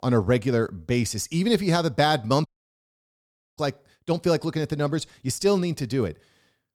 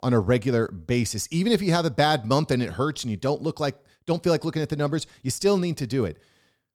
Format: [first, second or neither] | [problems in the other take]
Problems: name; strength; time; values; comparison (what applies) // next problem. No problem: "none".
second | audio cutting out; at 2.5 s for 1 s